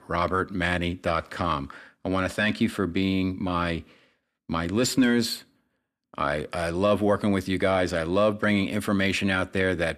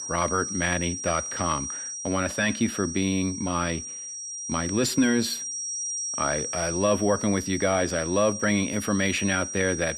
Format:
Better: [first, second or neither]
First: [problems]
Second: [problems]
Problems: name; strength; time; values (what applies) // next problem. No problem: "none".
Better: first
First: none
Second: high-pitched whine; loud; throughout; 5.5 kHz, 5 dB below the speech